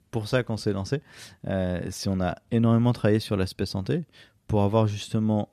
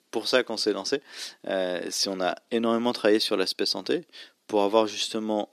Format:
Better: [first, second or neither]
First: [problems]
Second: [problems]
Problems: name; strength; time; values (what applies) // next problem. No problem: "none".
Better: first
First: none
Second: thin; somewhat; fading below 300 Hz